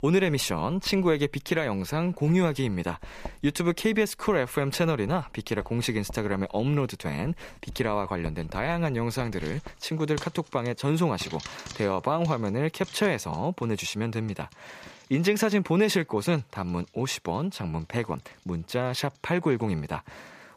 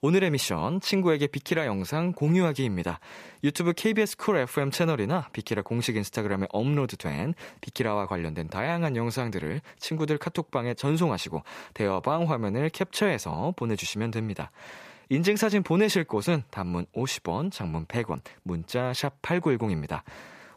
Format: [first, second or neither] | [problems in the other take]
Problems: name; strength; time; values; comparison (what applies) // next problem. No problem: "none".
second | household noises; faint; throughout; 20 dB below the speech